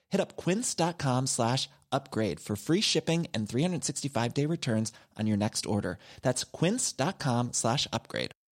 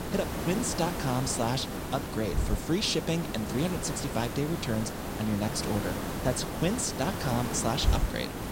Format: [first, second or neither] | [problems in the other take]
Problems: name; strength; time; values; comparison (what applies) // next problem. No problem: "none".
first | hiss; loud; throughout; 3 dB below the speech